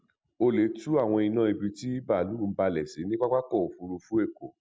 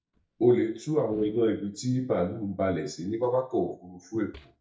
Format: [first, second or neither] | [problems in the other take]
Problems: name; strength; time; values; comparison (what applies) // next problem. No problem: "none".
first | noise reduction (neural mask model DeepFilterNet 3)